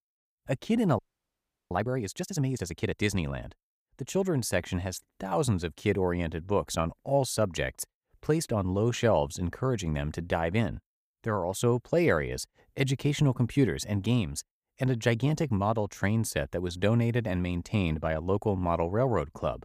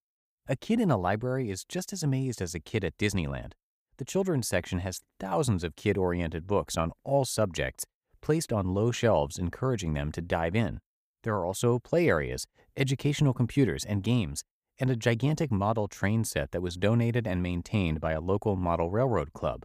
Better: second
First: audio freezing; at 1 s for 0.5 s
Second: none

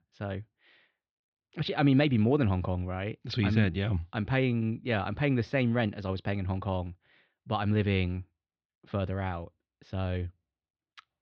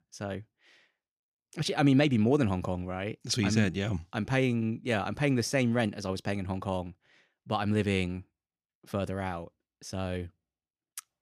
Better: second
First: muffled; slightly; fading above 4 kHz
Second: none

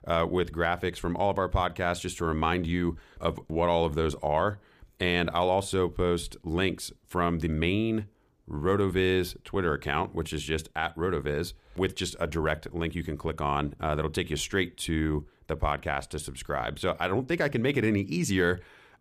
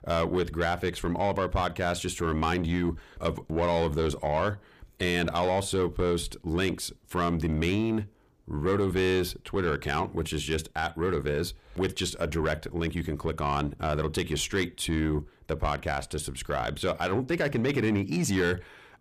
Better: first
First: none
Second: distortion; slight; 10 dB below the speech

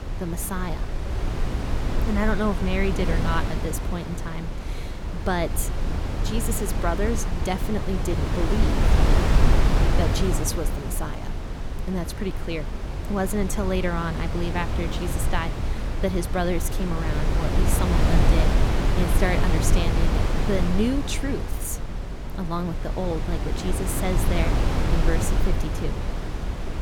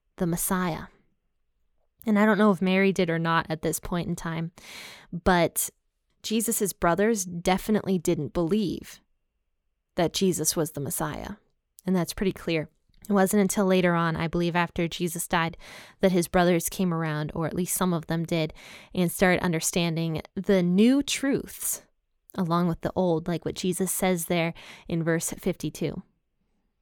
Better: second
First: wind noise on the microphone; heavy; 2 dB below the speech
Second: none

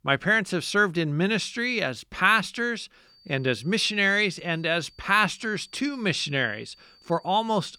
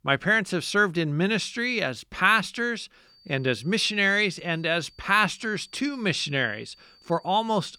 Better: neither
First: high-pitched whine; faint; from 3 s on; 4.5 kHz, 30 dB below the speech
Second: high-pitched whine; faint; from 3 s on; 4.5 kHz, 30 dB below the speech

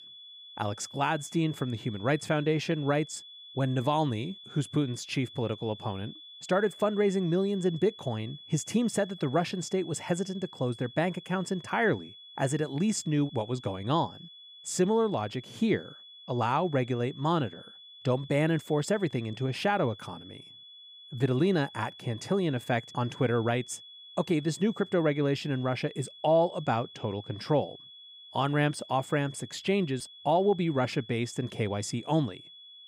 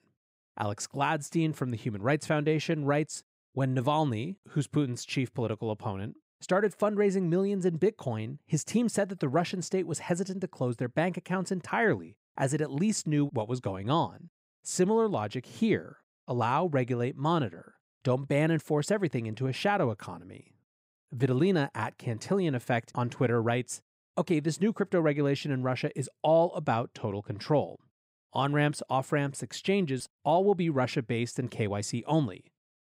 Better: second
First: high-pitched whine; noticeable; throughout; 3.5 kHz, 15 dB below the speech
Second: none

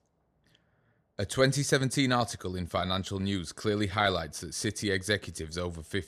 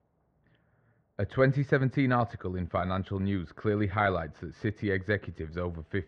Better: first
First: none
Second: muffled; very; fading above 2 kHz

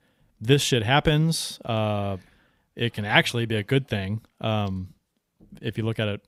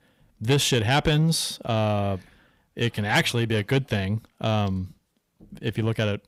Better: first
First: none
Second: distortion; slight; 10 dB below the speech

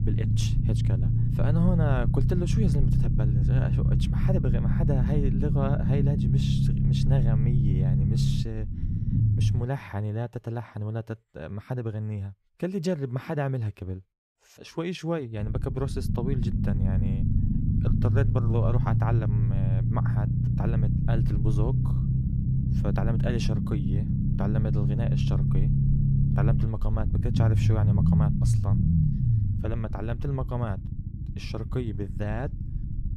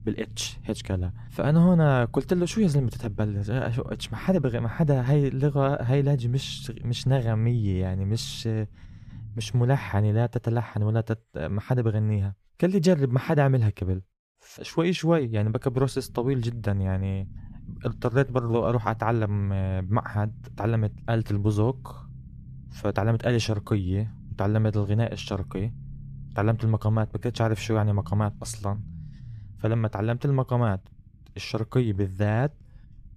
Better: second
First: low rumble; loud; until 9.5 s and from 15 s on; as loud as the speech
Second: low rumble; faint; until 9.5 s and from 15 s on; 25 dB below the speech

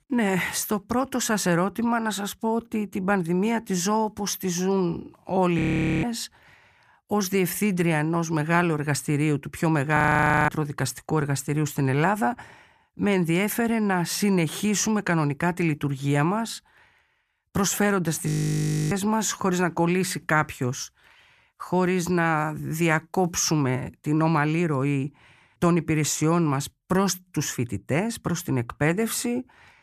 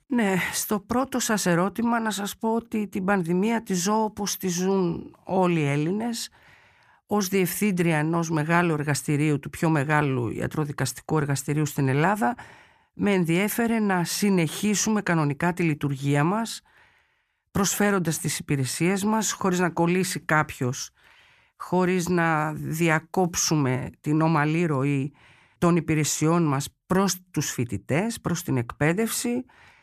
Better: second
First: audio freezing; at 5.5 s, at 10 s for 0.5 s and at 18 s for 0.5 s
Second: none

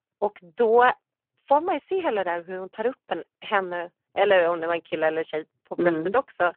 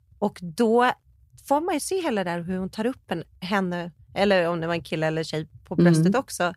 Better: second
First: phone-call audio; poor line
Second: none

